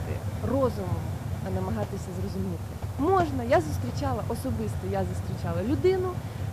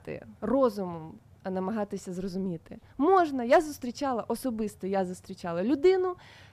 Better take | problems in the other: second | hiss; loud; throughout; 4 dB below the speech; faint in the second

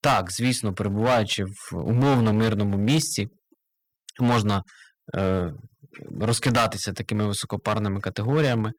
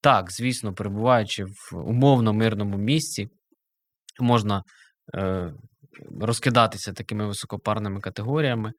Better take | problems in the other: second | distortion; heavy; 8% of the sound clipped

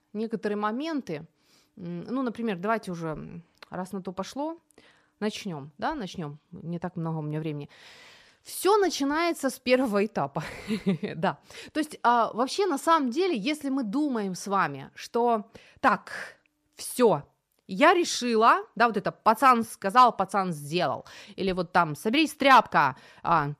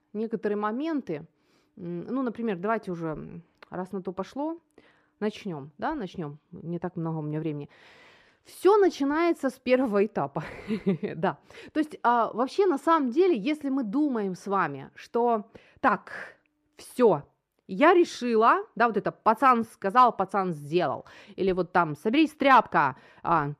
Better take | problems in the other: first | muffled; slightly; fading above 3.5 kHz

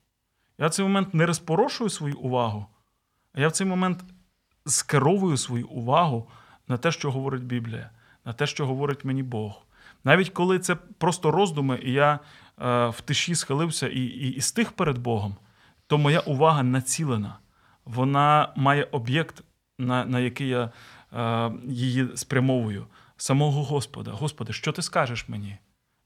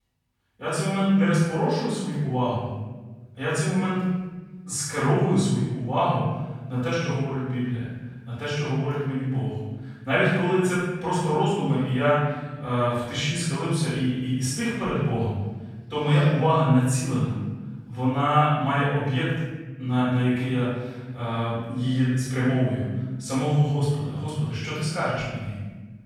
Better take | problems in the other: first | off-mic speech; far // room echo; strong; dies away in 1.3 s

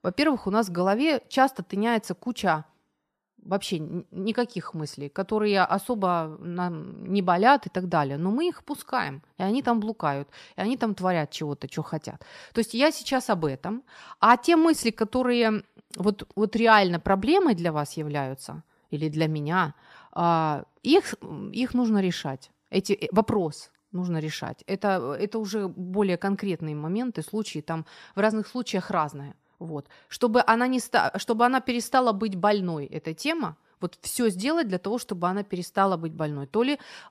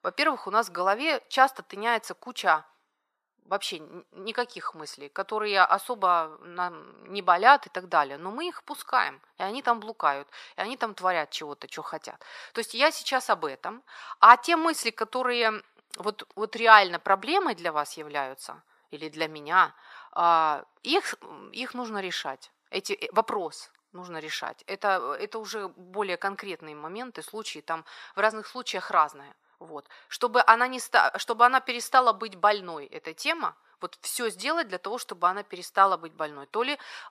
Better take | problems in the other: first | thin; very; fading below 550 Hz

